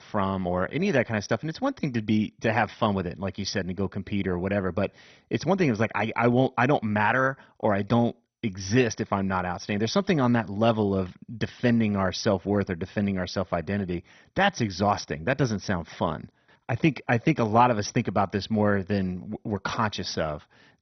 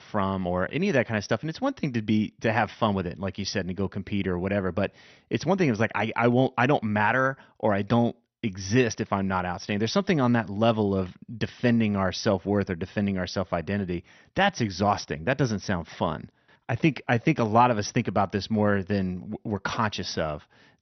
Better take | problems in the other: second | garbled, watery; badly; nothing above 6 kHz; slightly in the second

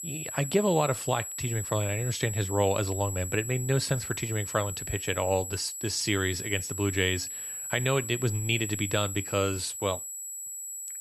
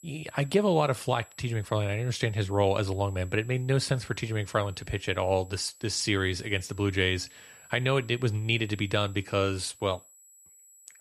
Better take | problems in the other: second | high-pitched whine; loud; throughout; 7.5 kHz, 6 dB below the speech; faint in the second

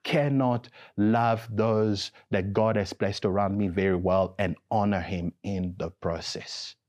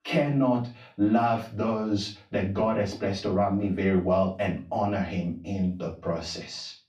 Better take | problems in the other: first | off-mic speech; far // room echo; slight; dies away in 0.3 s

